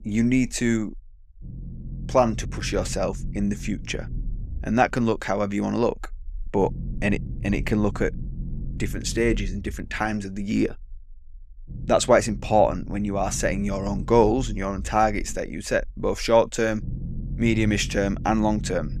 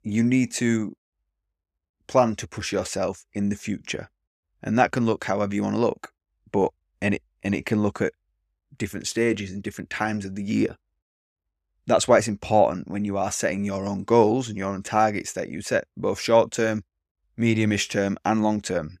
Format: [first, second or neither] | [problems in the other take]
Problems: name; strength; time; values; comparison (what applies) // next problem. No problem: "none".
second | low rumble; faint; throughout; 20 dB below the speech